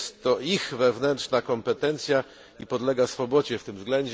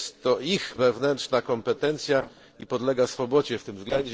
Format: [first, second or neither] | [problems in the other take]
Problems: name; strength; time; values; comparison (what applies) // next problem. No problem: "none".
first | noise reduction (neural separator model SepFormer DNS4)